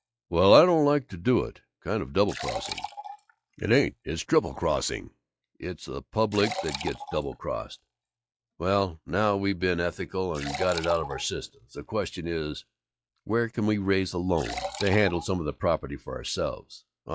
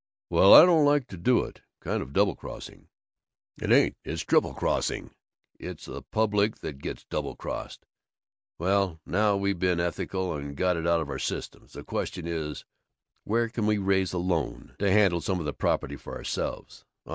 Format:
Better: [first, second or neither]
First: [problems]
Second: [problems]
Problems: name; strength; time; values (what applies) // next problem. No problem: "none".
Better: second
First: noise reduction (classical method log-MMSE)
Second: none